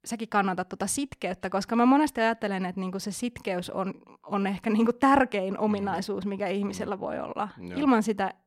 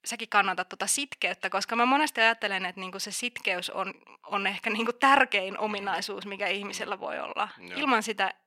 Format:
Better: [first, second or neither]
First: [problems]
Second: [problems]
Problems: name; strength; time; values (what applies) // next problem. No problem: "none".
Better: first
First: none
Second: thin; somewhat; fading below 950 Hz